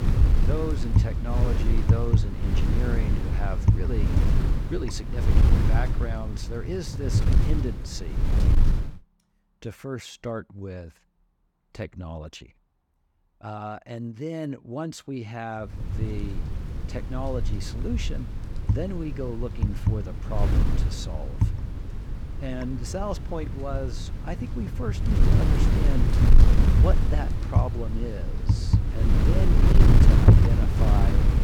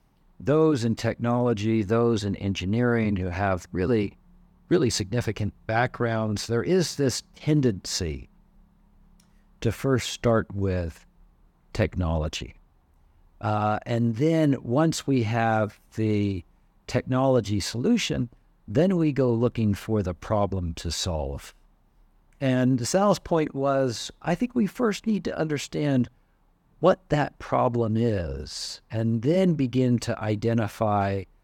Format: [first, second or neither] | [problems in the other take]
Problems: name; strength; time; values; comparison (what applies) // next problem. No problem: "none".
second | wind noise on the microphone; heavy; until 9 s and from 16 s on; as loud as the speech